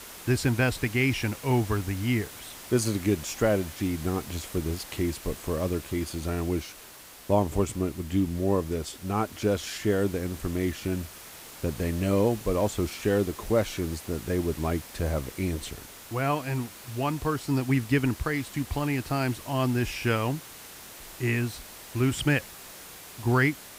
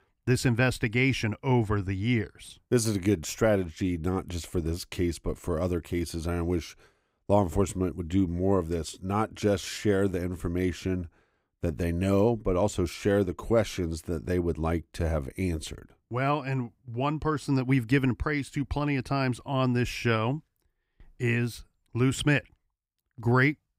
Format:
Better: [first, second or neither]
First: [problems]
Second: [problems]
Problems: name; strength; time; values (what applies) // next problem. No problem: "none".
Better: second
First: hiss; noticeable; throughout; 15 dB below the speech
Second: none